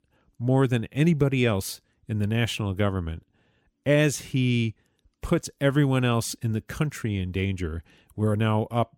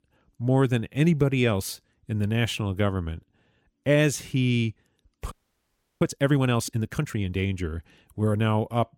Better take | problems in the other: first | audio freezing; at 5.5 s for 0.5 s

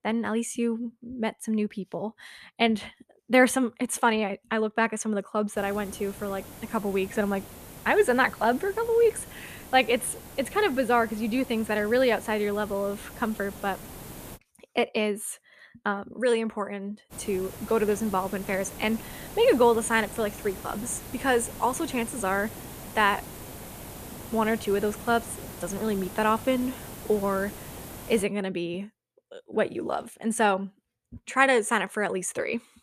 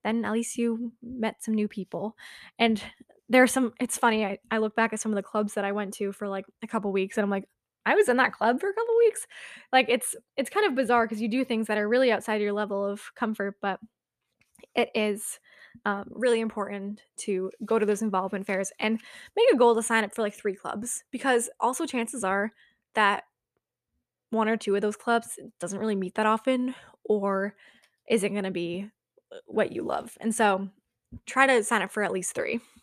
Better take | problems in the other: second | hiss; noticeable; from 5.5 to 14 s and from 17 to 28 s; 15 dB below the speech

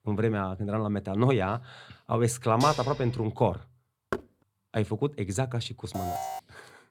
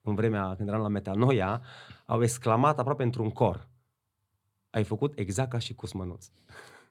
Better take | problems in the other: second | clattering dishes; noticeable; at 2.5 s; peak 7 dB below the speech // door banging; noticeable; at 4 s; peak 8 dB below the speech // alarm; noticeable; at 6 s; peak 5 dB below the speech

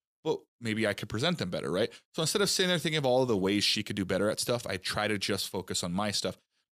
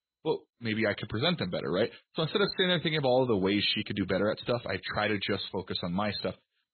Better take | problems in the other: first | garbled, watery; badly; nothing above 4 kHz

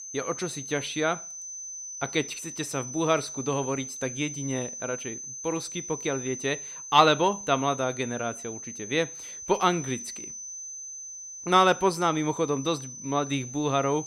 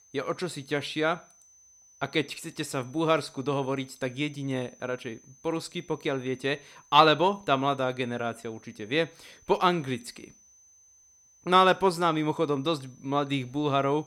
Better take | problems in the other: second | high-pitched whine; loud; throughout; 6 kHz, 9 dB below the speech; faint in the second

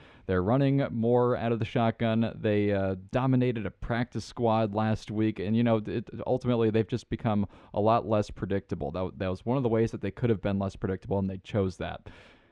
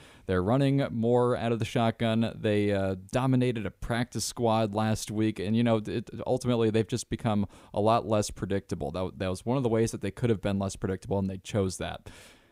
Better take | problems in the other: second | muffled; slightly; fading above 3 kHz

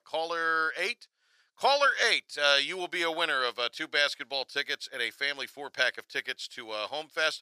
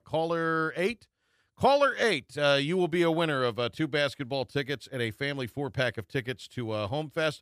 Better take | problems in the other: second | thin; very; fading below 650 Hz

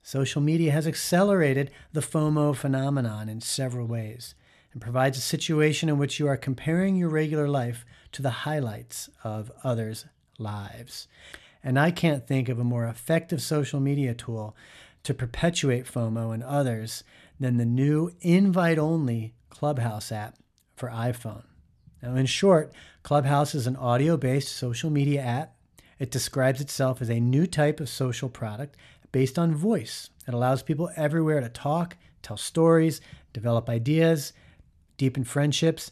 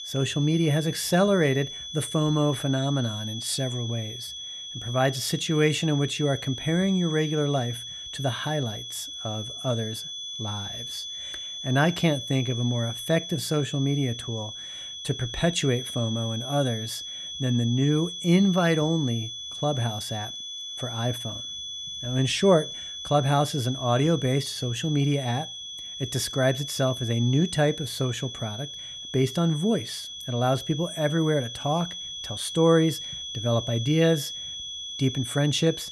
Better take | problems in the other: first | high-pitched whine; loud; throughout; 3.5 kHz, 8 dB below the speech

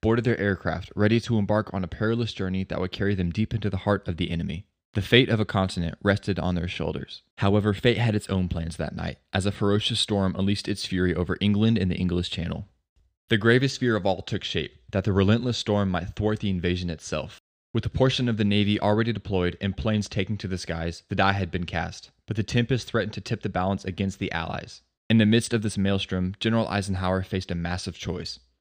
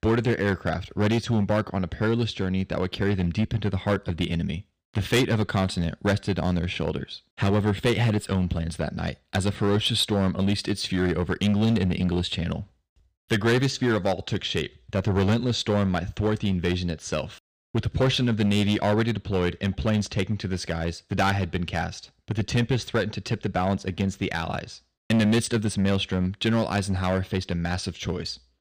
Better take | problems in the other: first | distortion; slight; 6% of the sound clipped

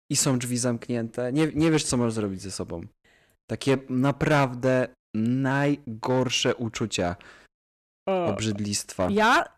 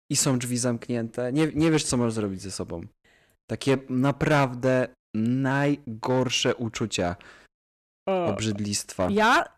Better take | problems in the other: neither | distortion; slight; 3% of the sound clipped; the same in both

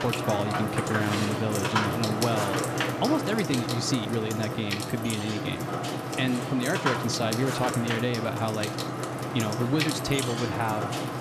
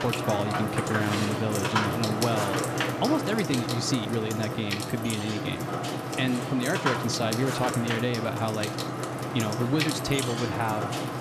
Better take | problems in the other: neither | household noises; loud; throughout; as loud as the speech; the same in both

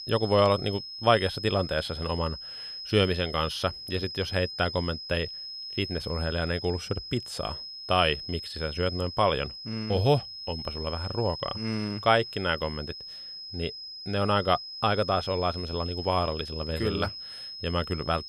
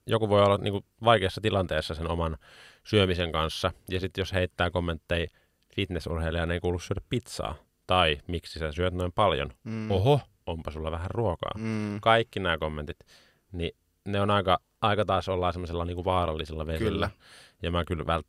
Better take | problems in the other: second | high-pitched whine; loud; throughout; 5 kHz, 9 dB below the speech

